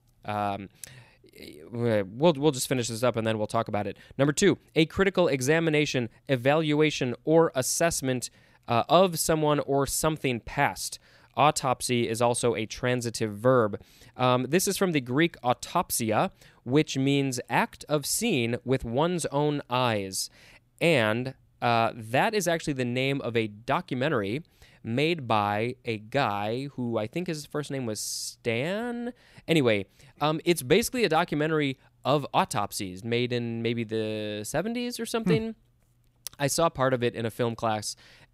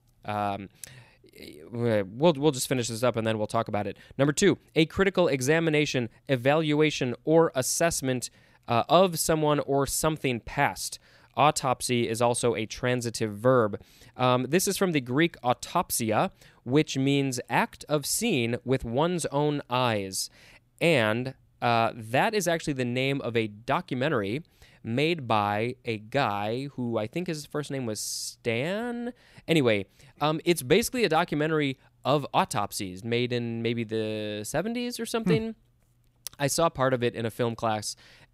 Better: neither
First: none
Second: none

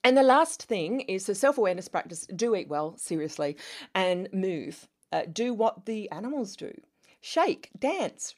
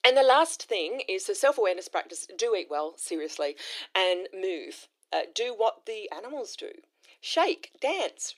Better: first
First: none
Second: thin; very; fading below 350 Hz

